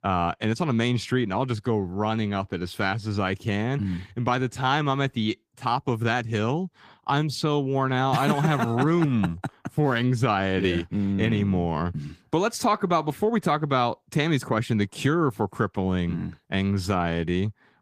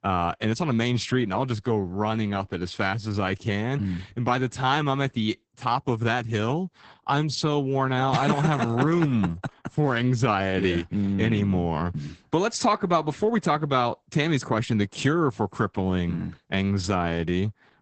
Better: first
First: garbled, watery; slightly; nothing above 15 kHz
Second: garbled, watery; badly; nothing above 8 kHz

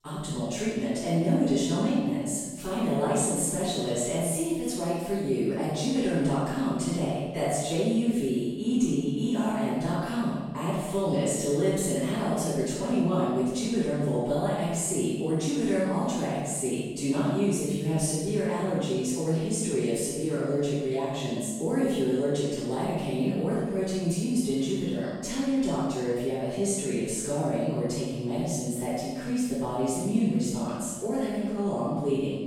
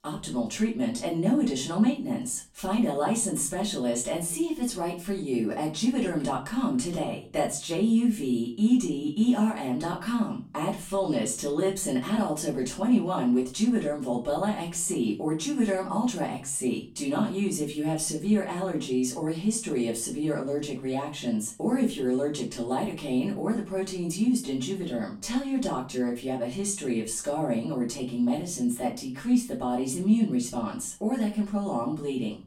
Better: second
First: room echo; strong; dies away in 1.3 s // off-mic speech; far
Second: room echo; slight; dies away in 0.3 s // off-mic speech; far

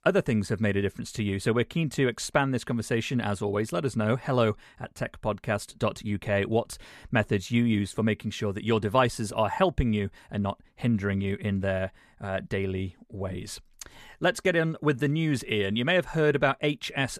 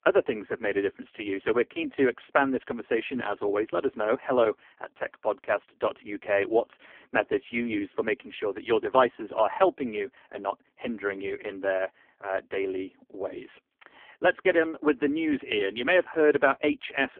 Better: first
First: none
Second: phone-call audio; poor line; nothing above 3.5 kHz

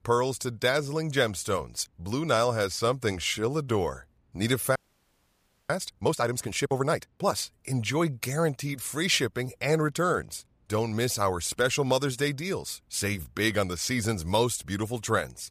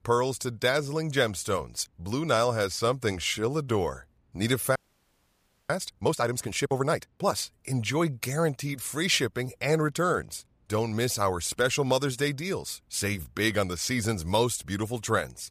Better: neither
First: audio freezing; at 5 s for 1 s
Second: audio freezing; at 5 s for 1 s

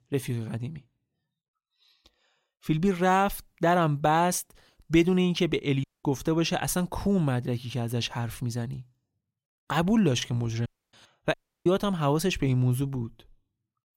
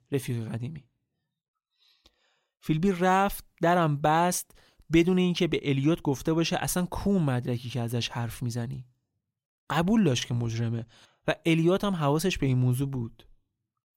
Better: second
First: audio cutting out; at 6 s and at 11 s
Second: none

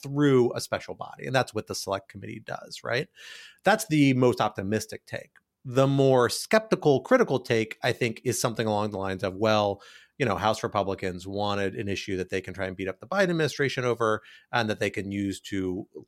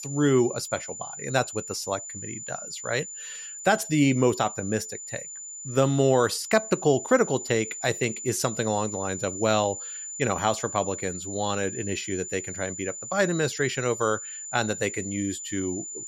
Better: first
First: none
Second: high-pitched whine; loud; throughout; 7 kHz, 8 dB below the speech

